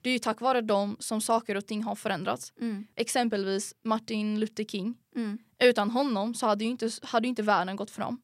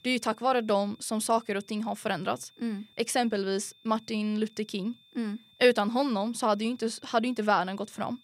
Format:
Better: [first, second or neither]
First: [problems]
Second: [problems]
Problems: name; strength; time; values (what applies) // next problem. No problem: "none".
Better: first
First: none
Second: high-pitched whine; faint; throughout; 3.5 kHz, 30 dB below the speech